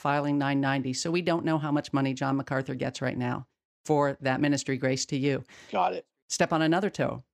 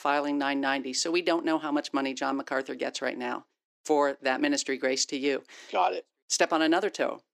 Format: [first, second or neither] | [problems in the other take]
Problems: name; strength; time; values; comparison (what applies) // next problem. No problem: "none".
first | thin; very slightly; fading below 300 Hz